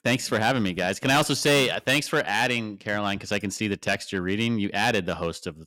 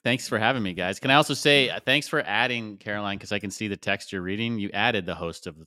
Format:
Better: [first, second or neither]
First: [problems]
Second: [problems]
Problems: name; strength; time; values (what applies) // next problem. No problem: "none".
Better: second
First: distortion; heavy; 6% of the sound clipped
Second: none